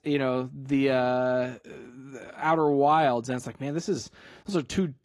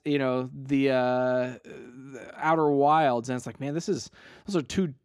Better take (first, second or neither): second